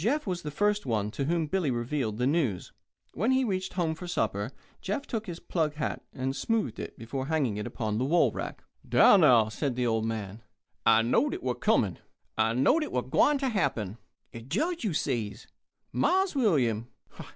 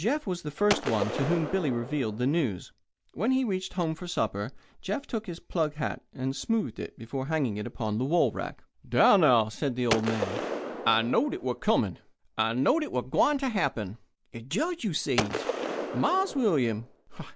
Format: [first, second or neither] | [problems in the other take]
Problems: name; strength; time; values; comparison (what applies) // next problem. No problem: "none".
first | background sound (Gunshot, gunfire); 5 dB below the speech